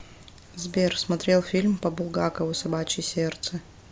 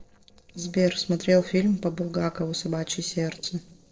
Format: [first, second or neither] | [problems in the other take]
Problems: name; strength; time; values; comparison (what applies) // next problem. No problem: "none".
first | noise reduction (neural separator model SepFormer DNS4)